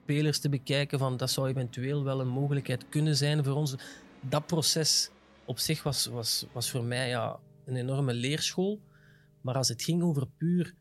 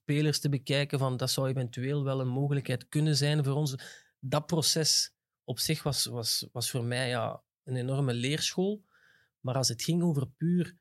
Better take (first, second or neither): second